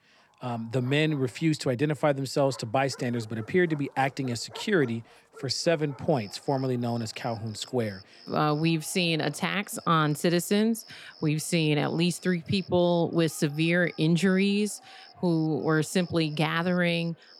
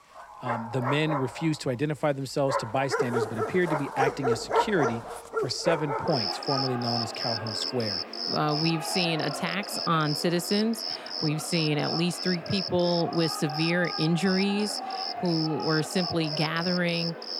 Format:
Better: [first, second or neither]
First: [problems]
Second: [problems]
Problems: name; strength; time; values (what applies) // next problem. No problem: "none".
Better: first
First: animal sounds; faint; throughout; 25 dB below the speech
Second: animal sounds; loud; throughout; 2 dB below the speech